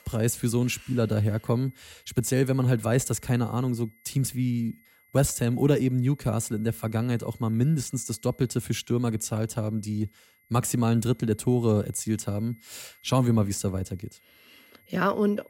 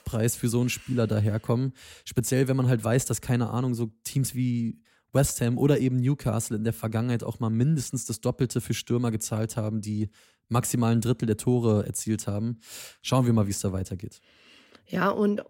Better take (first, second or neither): second